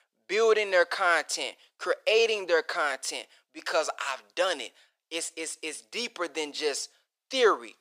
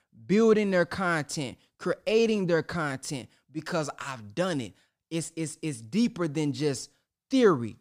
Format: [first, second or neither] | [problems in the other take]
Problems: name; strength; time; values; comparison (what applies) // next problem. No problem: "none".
second | thin; very; fading below 450 Hz